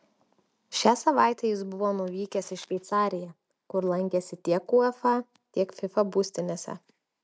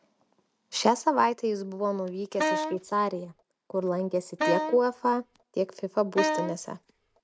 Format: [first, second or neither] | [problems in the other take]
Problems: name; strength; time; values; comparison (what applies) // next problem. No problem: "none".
first | background sound (Wind instrument, woodwind instrument); 3 dB below the speech